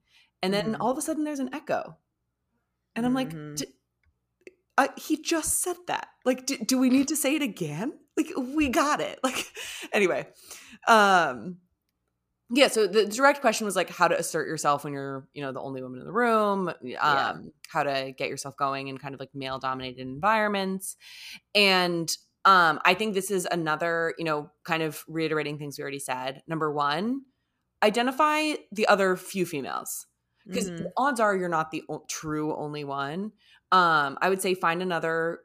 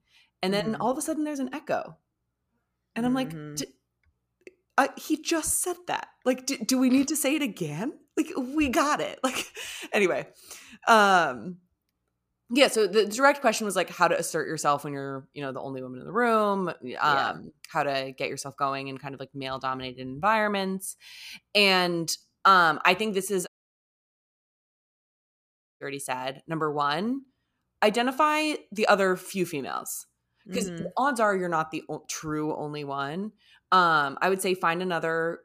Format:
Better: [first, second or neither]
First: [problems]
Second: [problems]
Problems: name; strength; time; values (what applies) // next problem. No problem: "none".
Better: first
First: none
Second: audio cutting out; at 23 s for 2.5 s